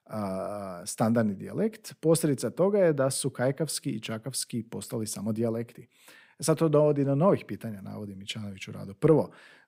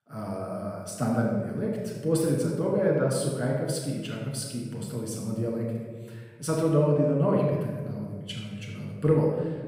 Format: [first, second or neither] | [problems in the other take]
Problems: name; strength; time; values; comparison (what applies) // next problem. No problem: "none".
first | room echo; noticeable; dies away in 1.6 s // off-mic speech; far